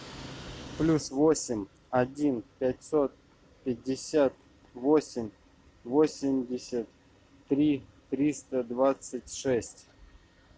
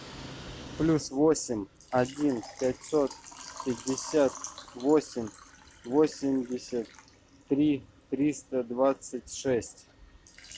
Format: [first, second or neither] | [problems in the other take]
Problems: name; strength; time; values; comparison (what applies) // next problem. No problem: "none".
first | background sound (Water / Liquid); 19 dB below the speech